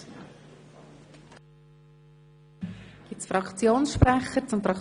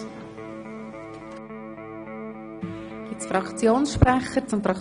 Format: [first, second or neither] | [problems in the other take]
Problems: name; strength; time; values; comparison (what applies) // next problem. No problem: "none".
first | background sound (Electric guitar); 11 dB below the speech